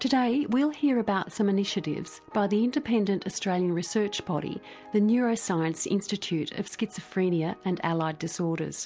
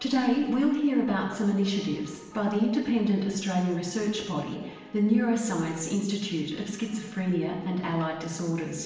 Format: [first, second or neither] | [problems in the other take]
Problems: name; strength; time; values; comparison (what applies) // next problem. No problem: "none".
first | room echo; dies away in 1 s